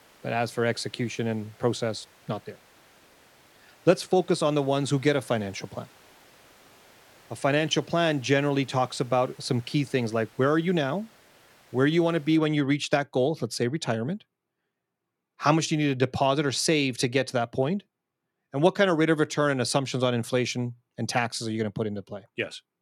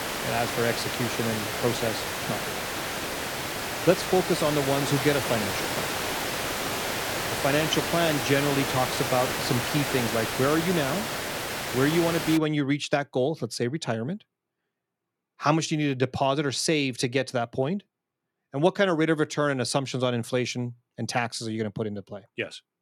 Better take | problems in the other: first | hiss; loud; until 12 s; 2 dB below the speech; faint in the first

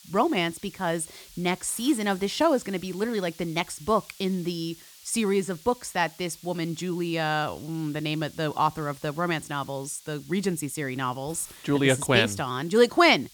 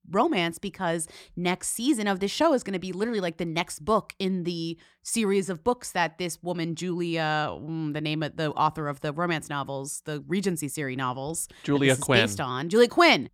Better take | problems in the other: second | hiss; faint; throughout; 20 dB below the speech

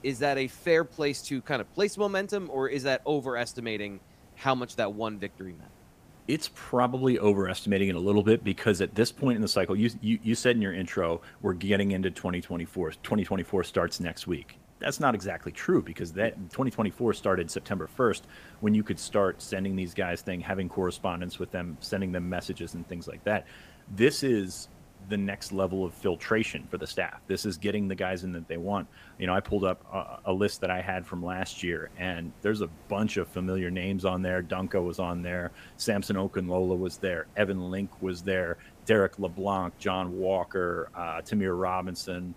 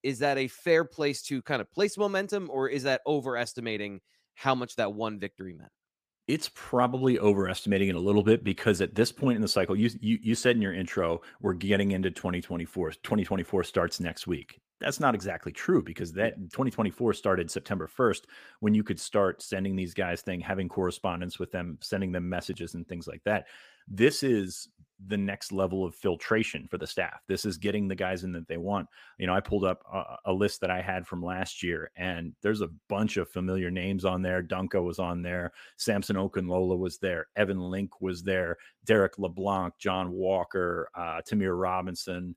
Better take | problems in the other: second | hiss; faint; throughout; 25 dB below the speech

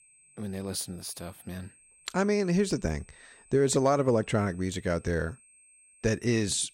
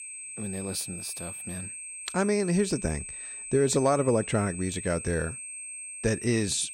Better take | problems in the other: first | high-pitched whine; loud; throughout; 8 kHz, 9 dB below the speech; faint in the first

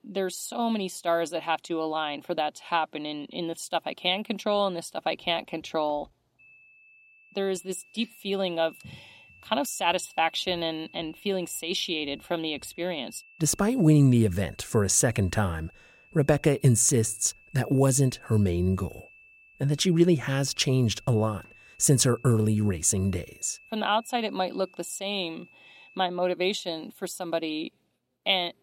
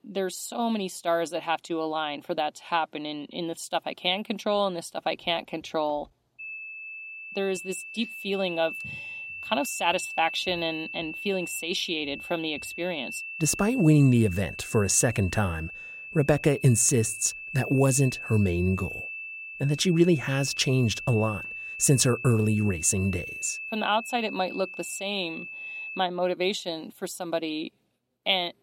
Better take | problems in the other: first | high-pitched whine; loud; from 6.5 to 26 s; 2.5 kHz, 9 dB below the speech; faint in the first

